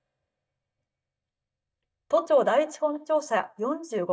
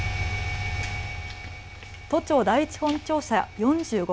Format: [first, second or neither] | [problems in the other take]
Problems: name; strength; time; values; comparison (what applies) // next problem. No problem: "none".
second | noise reduction (neural mask model DeepFilterNet 3)